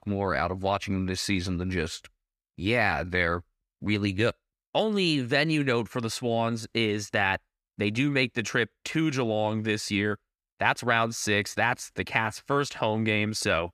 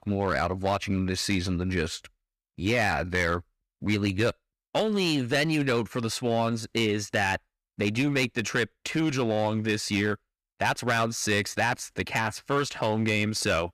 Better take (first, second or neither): first